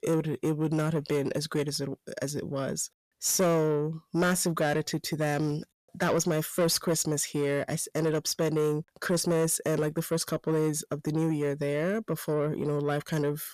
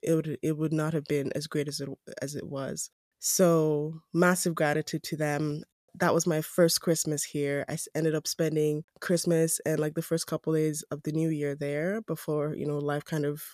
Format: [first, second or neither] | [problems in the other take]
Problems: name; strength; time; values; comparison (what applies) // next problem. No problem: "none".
second | distortion; slight; 10 dB below the speech